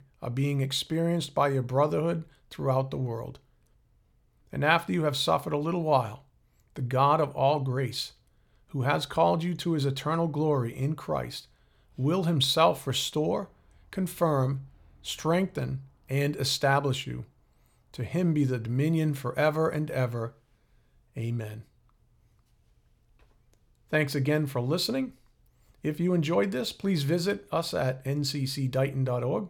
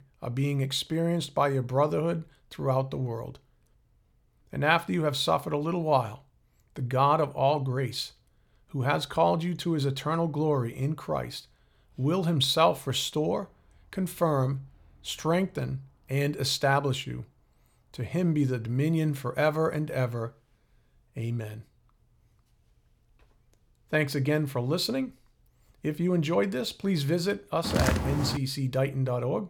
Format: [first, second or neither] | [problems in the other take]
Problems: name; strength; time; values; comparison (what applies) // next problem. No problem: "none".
first | footsteps; loud; at 28 s; peak 1 dB above the speech